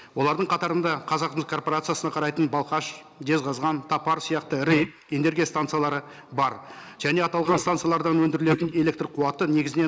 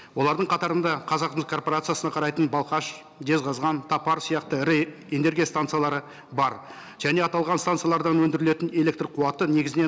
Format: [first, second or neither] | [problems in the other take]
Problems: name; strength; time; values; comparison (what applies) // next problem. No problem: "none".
second | noise reduction (neural mask model Resemble Enhance denoiser)